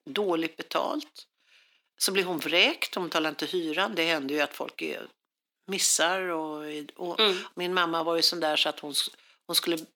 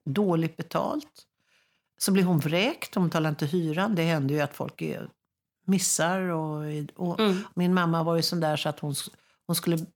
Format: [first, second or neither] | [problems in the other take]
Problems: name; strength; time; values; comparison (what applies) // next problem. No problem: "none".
second | thin; somewhat; fading below 300 Hz